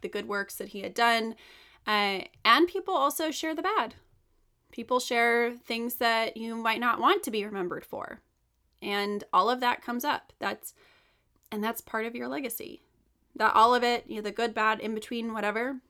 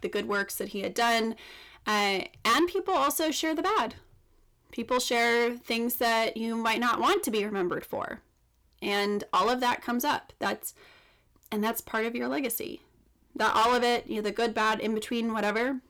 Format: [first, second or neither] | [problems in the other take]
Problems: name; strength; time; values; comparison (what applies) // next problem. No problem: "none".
first | distortion; heavy; 8 dB below the speech